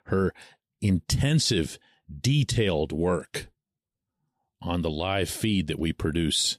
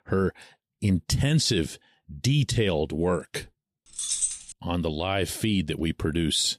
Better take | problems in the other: first | jangling keys; loud; at 4 s; peak 1 dB above the speech

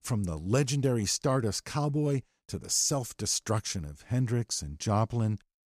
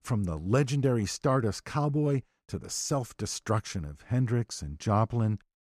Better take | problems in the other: first | muffled; slightly; fading above 3.5 kHz

